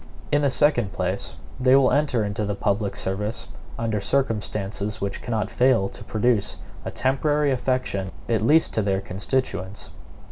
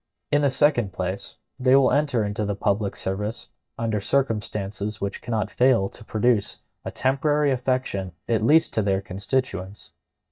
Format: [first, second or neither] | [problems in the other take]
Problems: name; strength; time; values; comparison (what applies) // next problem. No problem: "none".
first | noise reduction (neural mask model DeepFilterNet 3)